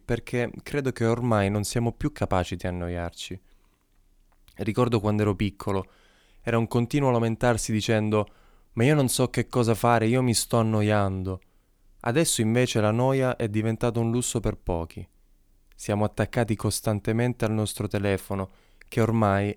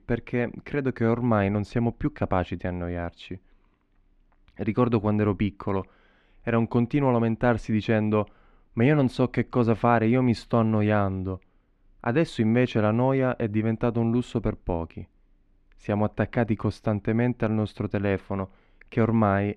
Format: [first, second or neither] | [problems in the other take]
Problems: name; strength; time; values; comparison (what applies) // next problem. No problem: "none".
first | muffled; very; fading above 2 kHz